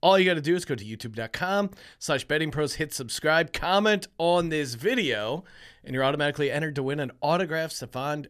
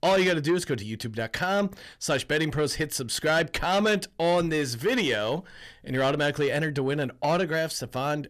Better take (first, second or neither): first